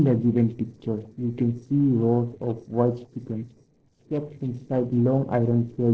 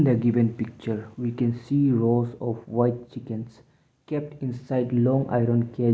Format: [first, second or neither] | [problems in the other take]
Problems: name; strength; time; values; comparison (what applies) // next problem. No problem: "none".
second | noise reduction (neural separator model SepFormer DNS4)